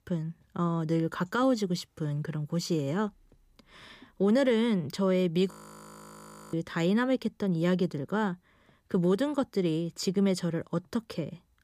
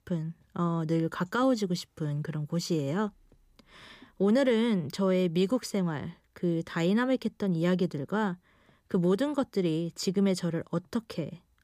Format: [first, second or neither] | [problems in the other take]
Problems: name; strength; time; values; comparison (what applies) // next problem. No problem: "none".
second | audio freezing; at 5.5 s for 1 s